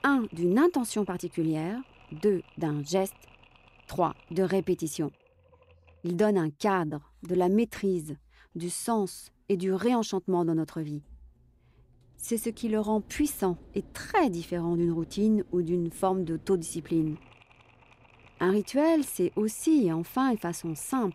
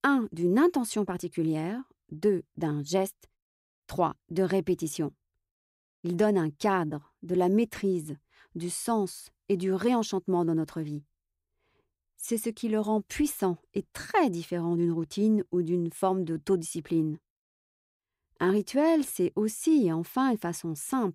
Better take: second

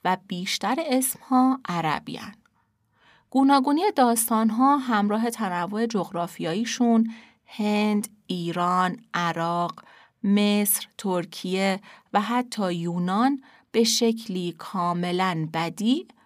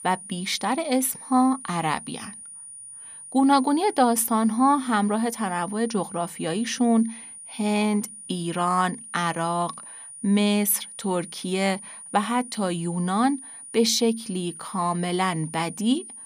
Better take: first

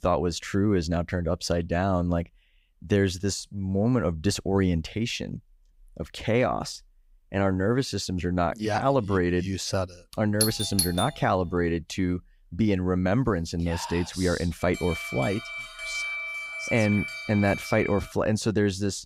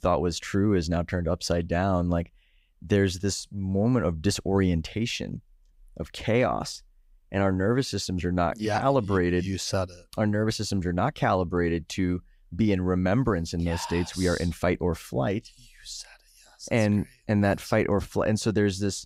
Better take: second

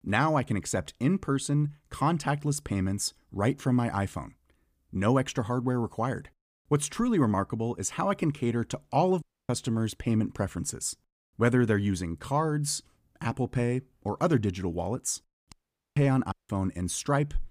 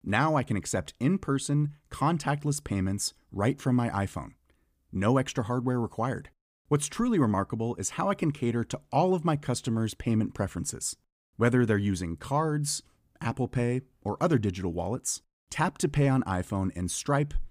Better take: second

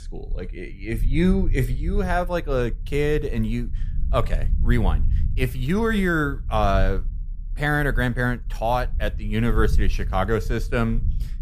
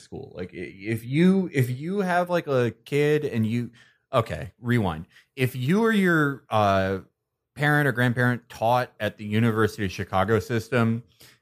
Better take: second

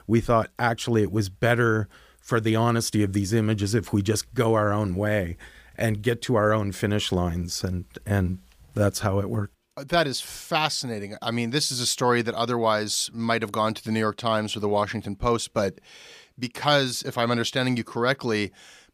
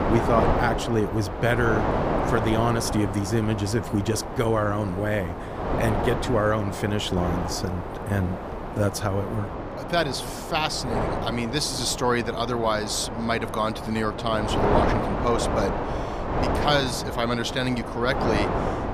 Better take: first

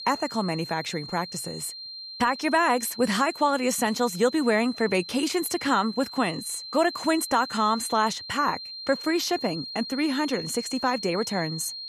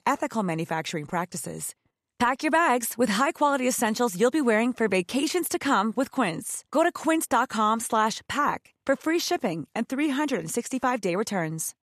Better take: second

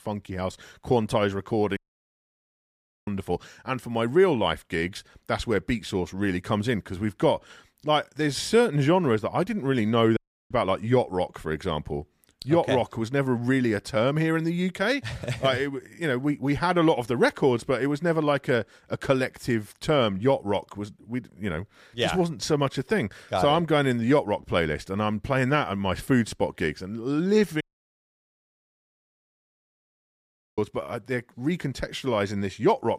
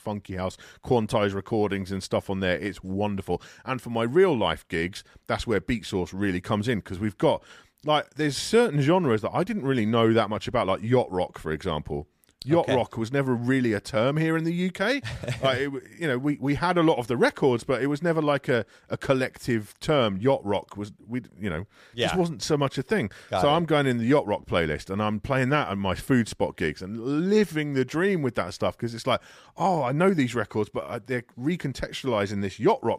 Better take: second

